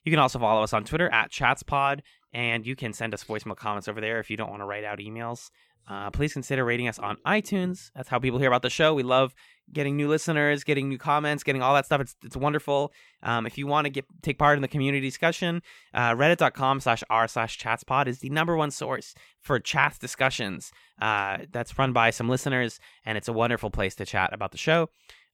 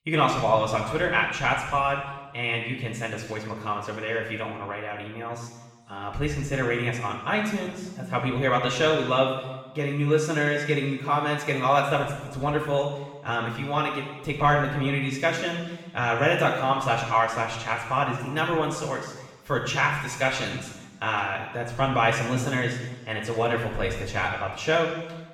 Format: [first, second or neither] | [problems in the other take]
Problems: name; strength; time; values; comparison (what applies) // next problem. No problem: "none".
first | room echo; noticeable; dies away in 1.1 s // off-mic speech; far